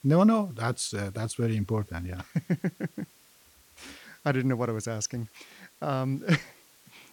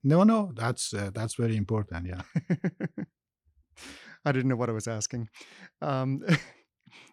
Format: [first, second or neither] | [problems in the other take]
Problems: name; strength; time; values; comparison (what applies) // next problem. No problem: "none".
second | hiss; faint; throughout; 25 dB below the speech